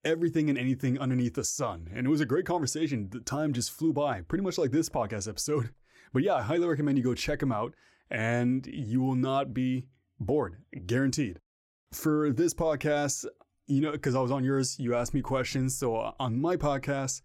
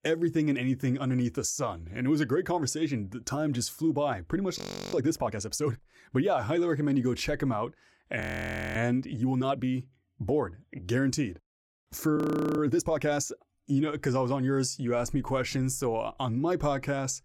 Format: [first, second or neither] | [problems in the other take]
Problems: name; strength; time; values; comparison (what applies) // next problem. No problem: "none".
first | audio freezing; at 4.5 s, at 8 s for 0.5 s and at 12 s